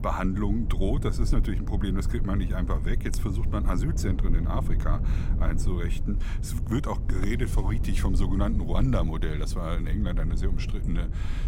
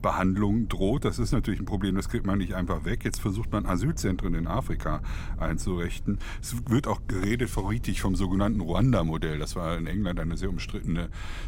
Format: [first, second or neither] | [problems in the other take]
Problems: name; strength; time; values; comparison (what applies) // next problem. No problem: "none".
second | low rumble; loud; throughout; 9 dB below the speech; faint in the second